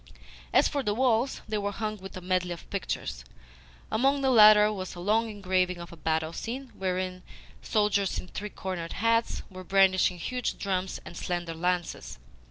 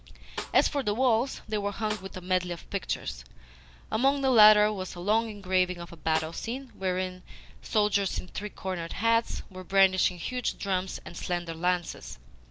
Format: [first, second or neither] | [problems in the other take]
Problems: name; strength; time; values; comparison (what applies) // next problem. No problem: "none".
first | background sound (Snare drum); 15 dB below the speech